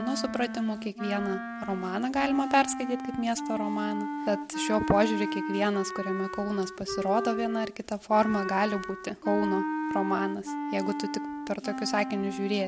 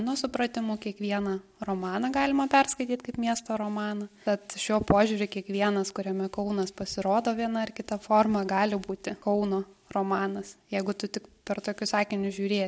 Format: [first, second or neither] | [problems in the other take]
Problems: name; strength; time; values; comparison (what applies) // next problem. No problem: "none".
second | background sound (Wind instrument, woodwind instrument); 5 dB below the speech